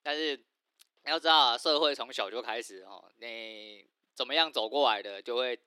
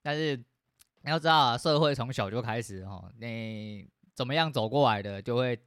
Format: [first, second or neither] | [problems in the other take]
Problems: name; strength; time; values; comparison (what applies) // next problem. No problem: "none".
second | thin; somewhat; fading below 300 Hz